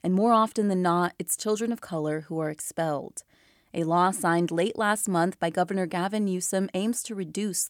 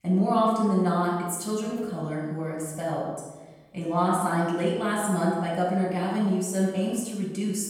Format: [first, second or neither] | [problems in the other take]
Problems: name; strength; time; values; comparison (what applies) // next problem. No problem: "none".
first | off-mic speech; far // room echo; noticeable; dies away in 1 s